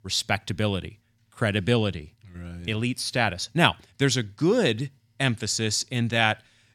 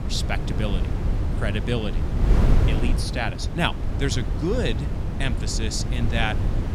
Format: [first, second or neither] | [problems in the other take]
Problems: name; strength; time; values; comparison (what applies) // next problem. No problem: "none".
first | wind noise on the microphone; heavy; 6 dB below the speech